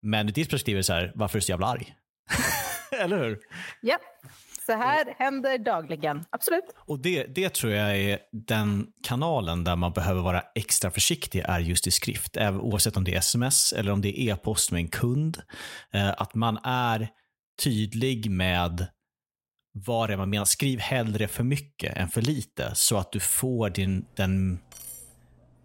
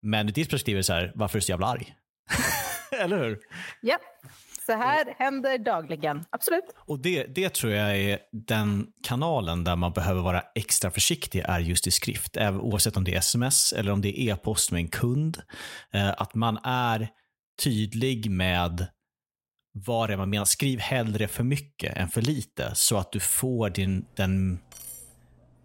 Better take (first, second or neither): neither